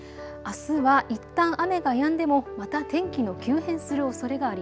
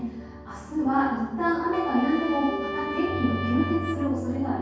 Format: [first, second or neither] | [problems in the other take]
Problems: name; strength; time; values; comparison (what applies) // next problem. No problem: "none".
first | background sound (Trumpet); 11 dB below the speech // room echo; dies away in 1.3 s